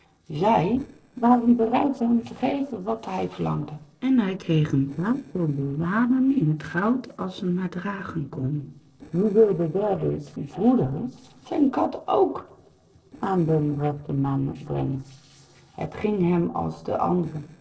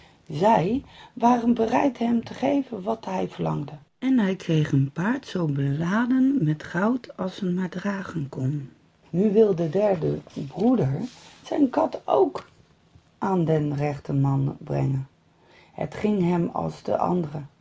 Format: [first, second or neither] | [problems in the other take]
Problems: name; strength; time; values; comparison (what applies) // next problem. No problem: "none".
second | noise reduction (neural separator model SepFormer DNS4)